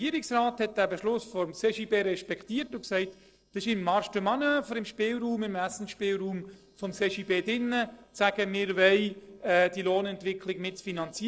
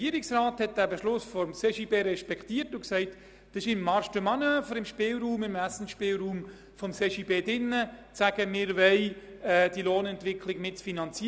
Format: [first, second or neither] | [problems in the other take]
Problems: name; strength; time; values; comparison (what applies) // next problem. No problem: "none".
second | noise reduction (neural separator model SepFormer DNS4)